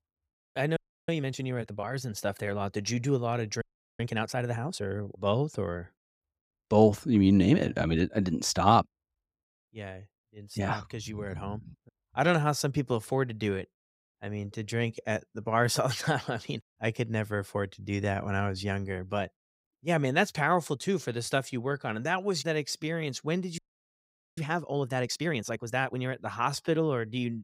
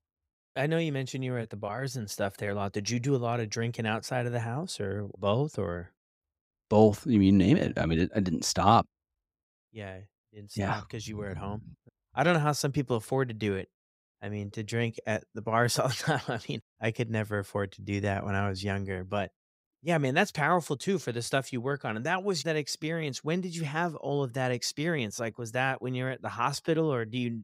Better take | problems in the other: second | audio freezing; at 1 s, at 3.5 s and at 24 s for 1 s

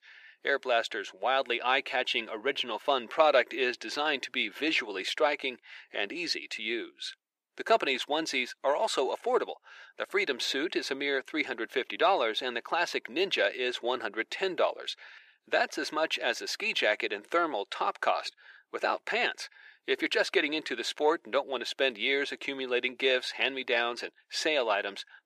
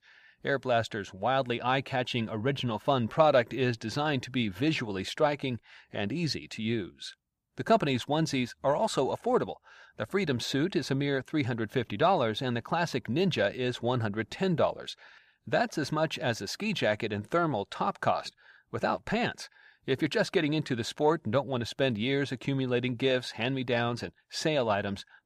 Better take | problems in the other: second | thin; somewhat; fading below 350 Hz

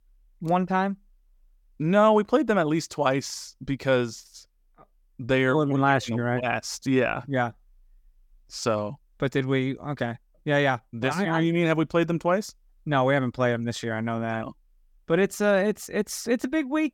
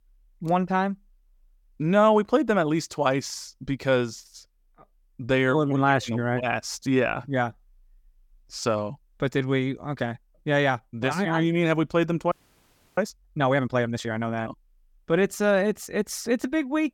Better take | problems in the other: first | audio freezing; at 12 s for 0.5 s

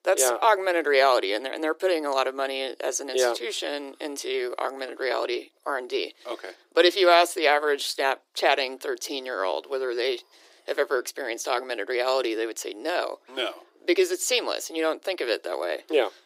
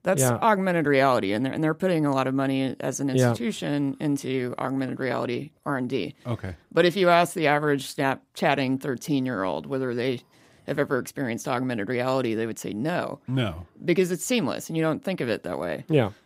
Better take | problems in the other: second | thin; very; fading below 350 Hz

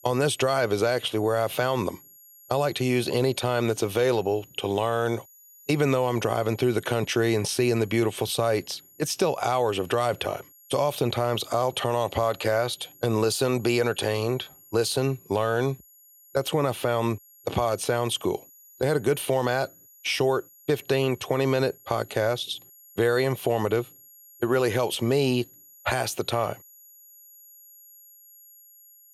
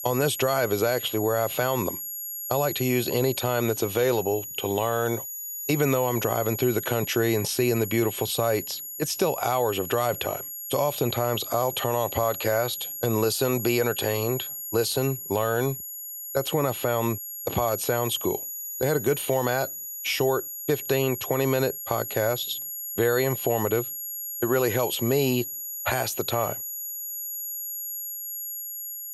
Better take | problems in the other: first | high-pitched whine; loud; throughout; 11.5 kHz, 6 dB below the speech; faint in the first

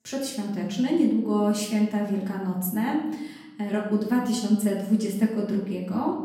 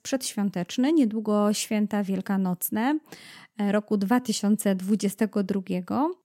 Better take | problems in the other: second | off-mic speech; far // room echo; noticeable; dies away in 0.8 s

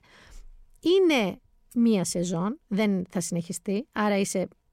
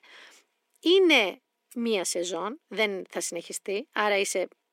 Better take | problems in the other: first | thin; somewhat; fading below 300 Hz

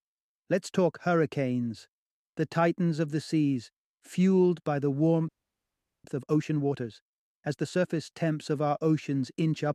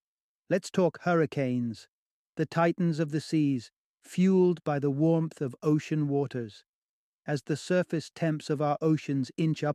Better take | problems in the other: second | audio freezing; at 5.5 s for 1 s

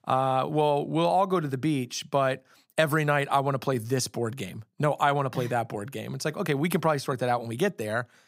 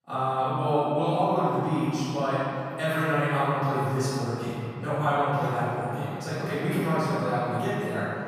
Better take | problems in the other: first | off-mic speech; far // room echo; strong; dies away in 3 s

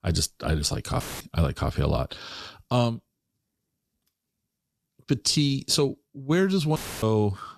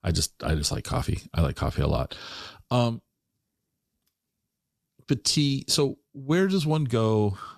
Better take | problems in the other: second | audio cutting out; filled with static; at 1 s and at 7 s

